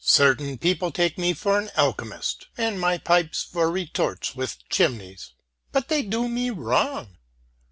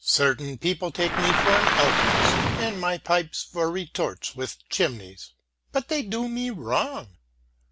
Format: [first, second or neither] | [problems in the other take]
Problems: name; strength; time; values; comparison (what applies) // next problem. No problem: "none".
first | background sound (Waves, surf); 4 dB above the speech